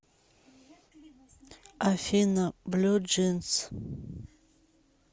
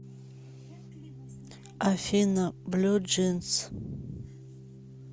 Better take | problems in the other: first | background sound (Organ); 16 dB below the speech

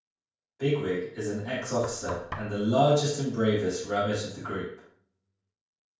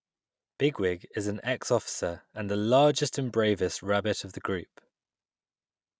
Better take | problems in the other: second | noise reduction (neural separator model SepFormer DNS4)

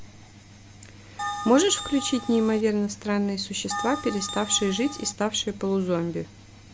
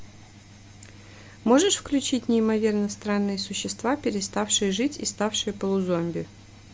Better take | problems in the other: second | background sound (Bell); 9 dB below the speech

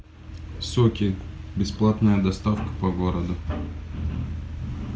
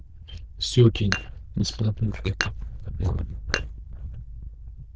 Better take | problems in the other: first | noise reduction (neural diffusion model UNIVERSE++)

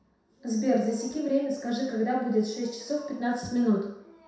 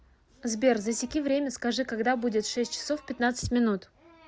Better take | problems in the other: second | room echo; dies away in 0.7 s

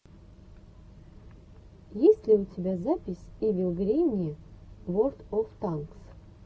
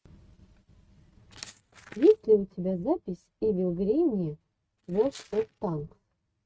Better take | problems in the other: first | noise reduction (neural mask model RNNoise)

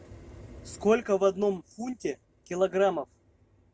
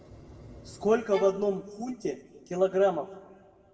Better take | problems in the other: first | background sound (Bowed string instrument); 16 dB below the speech // room echo; dies away in 1.1 s

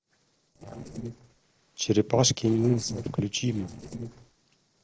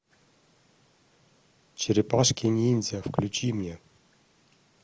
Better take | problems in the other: second | noise reduction (neural separator model SepFormer DNS4)

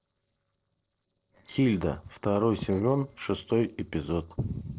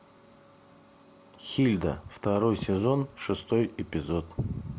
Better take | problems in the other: second | noise reduction (neural separator model SepFormer DNS4)

